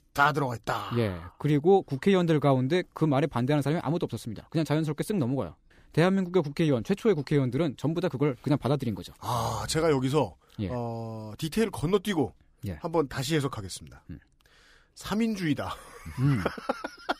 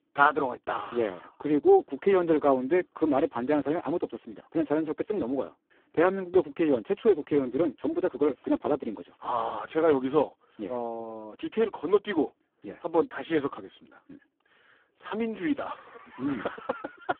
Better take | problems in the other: first | phone-call audio; poor line

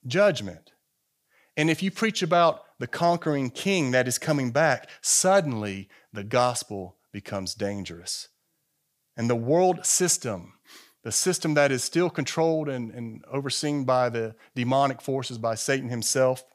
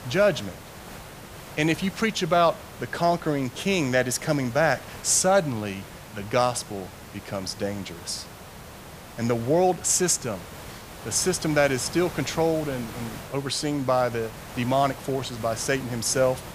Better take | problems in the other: first | hiss; noticeable; throughout; 15 dB below the speech

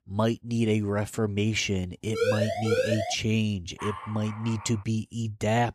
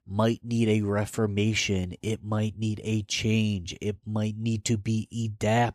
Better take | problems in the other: second | siren; loud; at 2 s; peak 2 dB above the speech // dog barking; noticeable; from 4 to 5 s; peak 9 dB below the speech

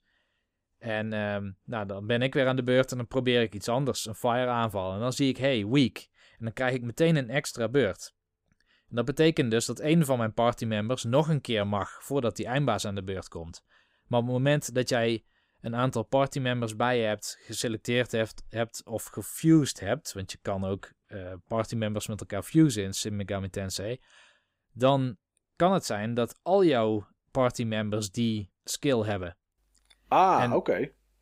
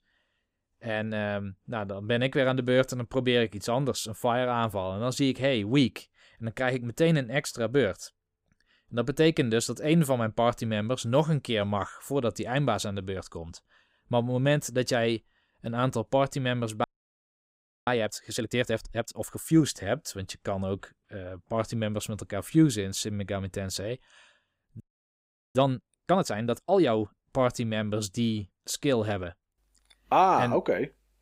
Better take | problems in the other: first | audio freezing; at 17 s for 1 s and at 25 s for 1 s

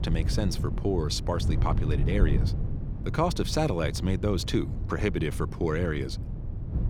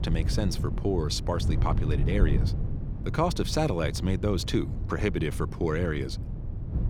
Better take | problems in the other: neither | wind noise on the microphone; occasional gusts; 10 dB below the speech; the same in both

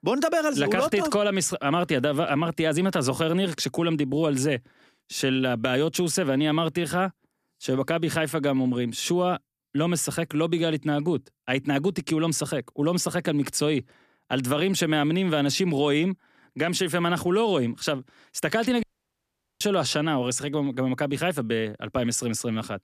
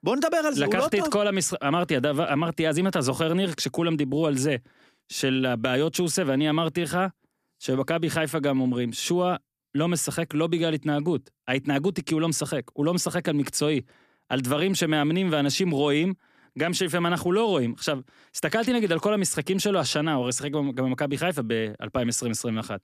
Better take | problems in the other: second | audio cutting out; at 19 s for 1 s

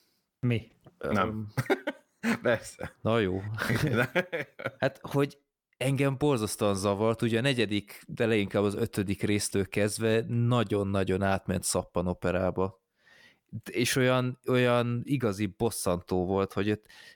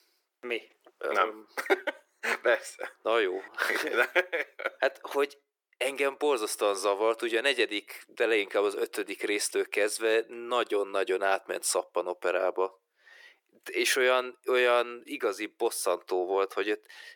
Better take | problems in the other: first | thin; very; fading below 350 Hz

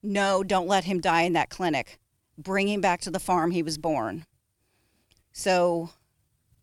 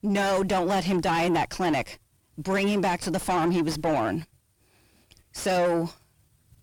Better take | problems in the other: first | distortion; heavy; 7 dB below the speech

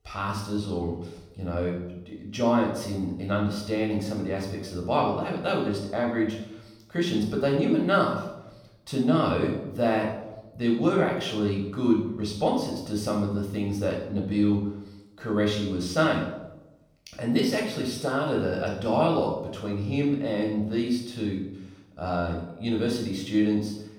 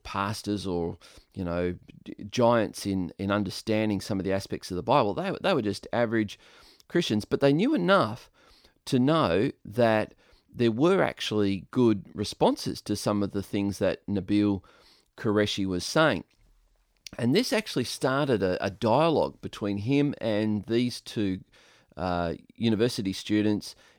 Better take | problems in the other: second | off-mic speech; somewhat distant // room echo; noticeable; dies away in 0.7 s

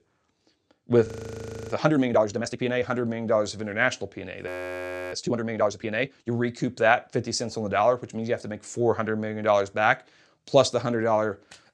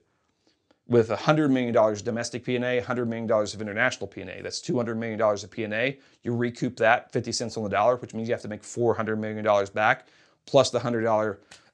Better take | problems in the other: second | audio freezing; at 1 s for 0.5 s and at 4.5 s for 0.5 s

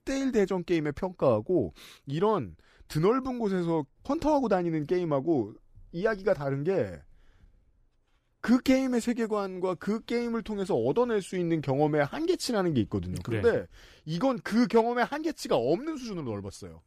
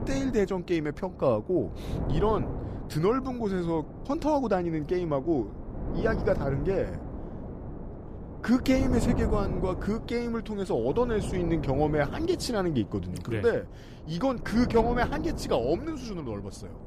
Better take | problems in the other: first | wind noise on the microphone; occasional gusts; 10 dB below the speech

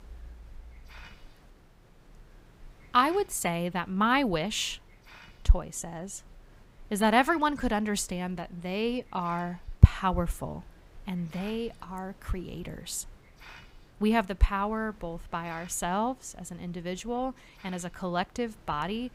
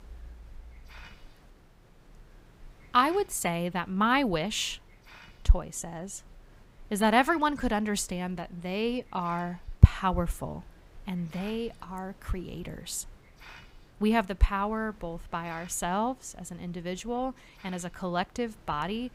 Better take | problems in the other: neither | hiss; faint; throughout; 25 dB below the speech; the same in both

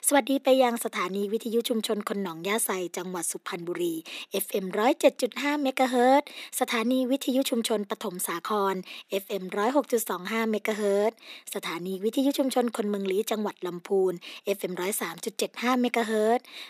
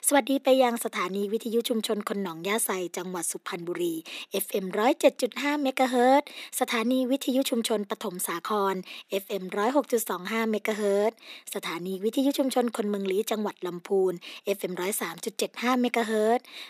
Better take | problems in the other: neither | thin; somewhat; fading below 300 Hz; the same in both

